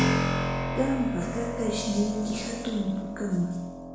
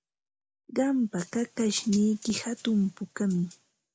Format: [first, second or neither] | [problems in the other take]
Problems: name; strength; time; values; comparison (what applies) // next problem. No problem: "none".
second | background sound (Keyboard (musical)); 1 dB below the speech // room echo; dies away in 0.9 s